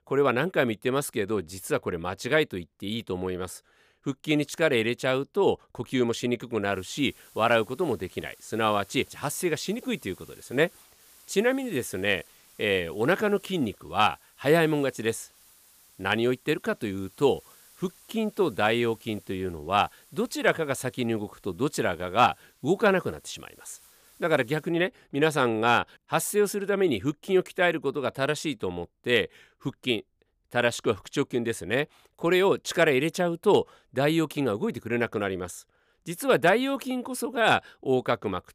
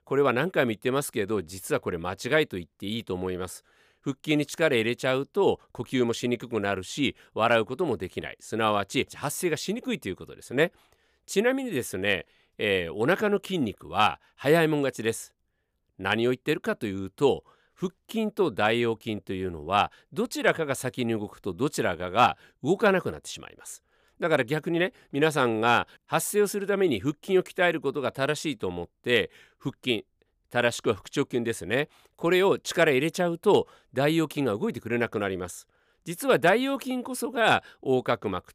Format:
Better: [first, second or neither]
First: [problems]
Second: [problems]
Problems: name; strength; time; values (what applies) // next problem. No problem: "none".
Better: second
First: hiss; faint; from 6.5 to 25 s; 25 dB below the speech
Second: none